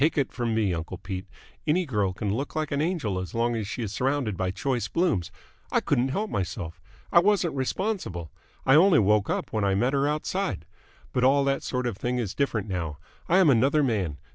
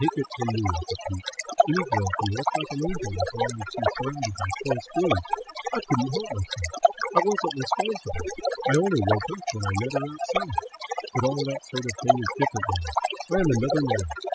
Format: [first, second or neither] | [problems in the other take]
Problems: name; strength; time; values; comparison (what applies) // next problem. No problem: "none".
first | noise reduction (classical method spectral subtraction)